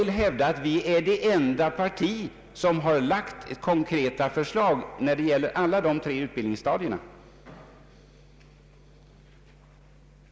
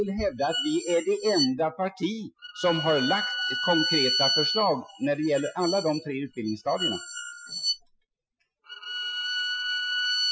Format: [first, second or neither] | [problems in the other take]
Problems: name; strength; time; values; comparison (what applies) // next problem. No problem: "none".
first | noise reduction (classical method Wiener filter)